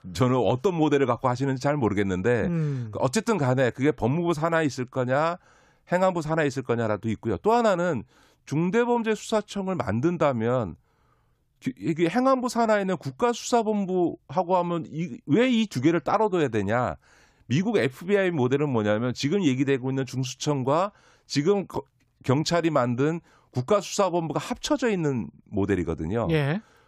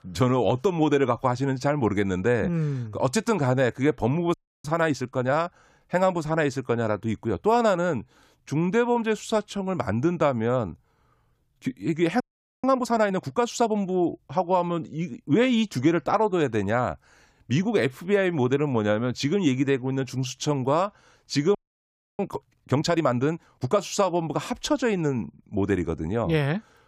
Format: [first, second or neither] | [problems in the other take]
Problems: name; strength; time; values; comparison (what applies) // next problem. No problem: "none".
first | audio freezing; at 4.5 s, at 12 s and at 22 s for 0.5 s